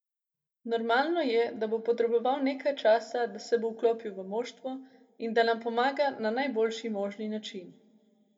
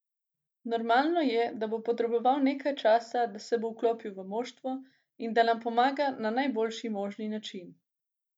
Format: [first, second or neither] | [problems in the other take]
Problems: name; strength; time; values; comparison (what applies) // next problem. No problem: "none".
second | room echo; dies away in 0.3 s